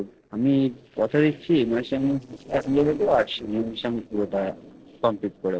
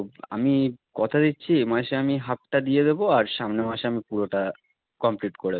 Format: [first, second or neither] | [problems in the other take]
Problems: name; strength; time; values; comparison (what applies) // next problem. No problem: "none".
second | noise reduction (neural separator model SepFormer DNS4)